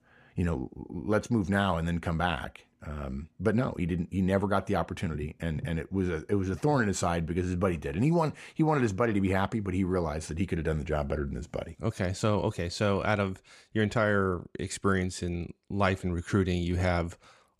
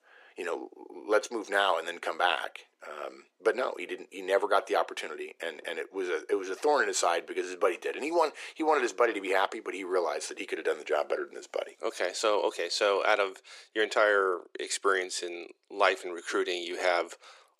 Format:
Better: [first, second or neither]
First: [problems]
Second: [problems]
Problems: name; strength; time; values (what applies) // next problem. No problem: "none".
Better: first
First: none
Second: thin; very; fading below 350 Hz